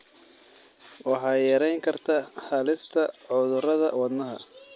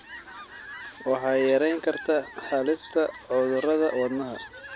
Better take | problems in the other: first | background sound (Fowl); 15 dB below the speech

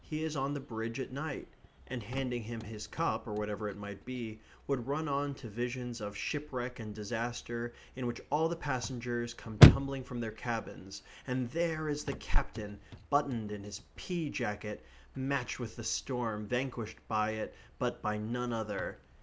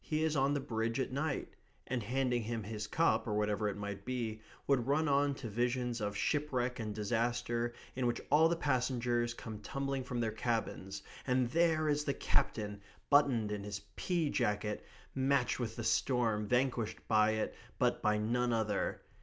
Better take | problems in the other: second | background sound (Chirp, tweet / Slam / Car); 2 dB below the speech

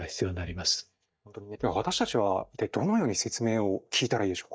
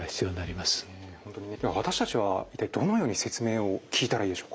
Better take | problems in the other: second | noise reduction (neural mask model DeepFilterNet 3)

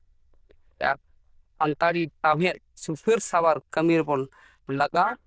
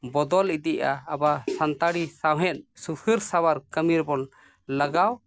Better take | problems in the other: second | noise reduction (neural diffusion model UNIVERSE++)

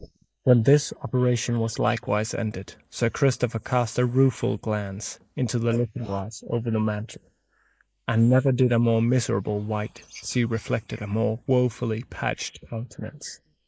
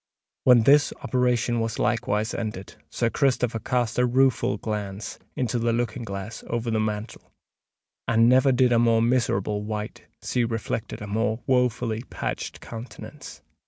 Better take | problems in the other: second | noise reduction (neural mask model Resemble Enhance denoiser)

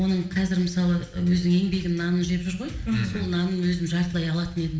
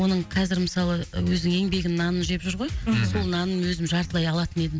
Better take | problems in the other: second | room echo; dies away in 0.9 s

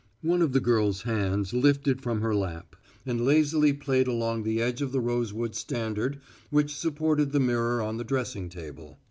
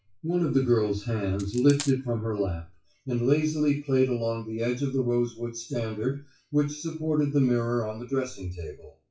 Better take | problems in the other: first | noise reduction (classical method WPE with log-MMSE)

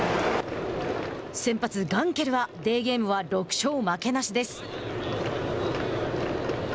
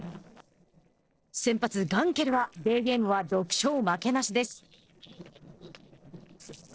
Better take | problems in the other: first | noise reduction (neural separator model SepFormer DNS4)

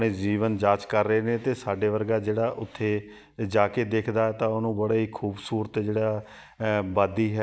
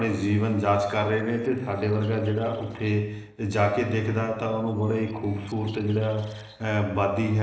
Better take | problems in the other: first | noise reduction (neural separator model SepFormer DNS4)

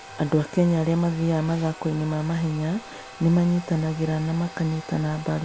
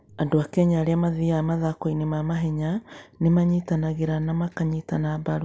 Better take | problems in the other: second | background sound (Domestic sounds, home sounds); 18 dB below the speech

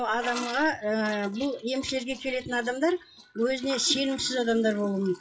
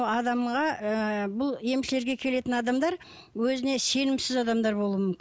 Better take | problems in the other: second | noise reduction (classical method WPE with log-MMSE)

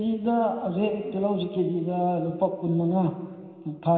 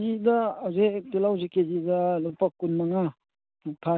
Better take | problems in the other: second | room echo; dies away in 2.6 s

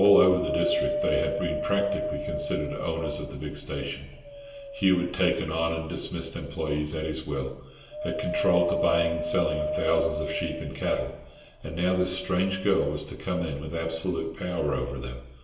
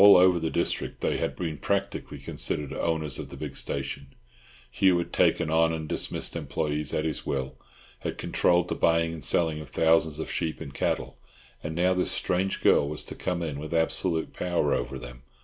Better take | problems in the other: second | background sound (Wind); 6 dB below the speech // room echo; dies away in 0.9 s

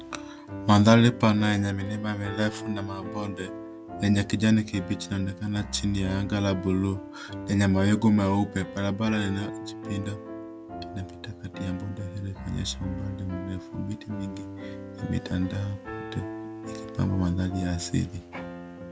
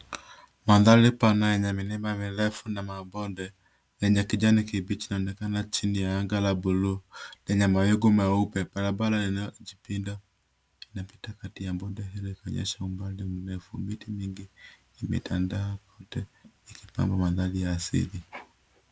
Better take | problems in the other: second | background sound (Piano); 11 dB below the speech

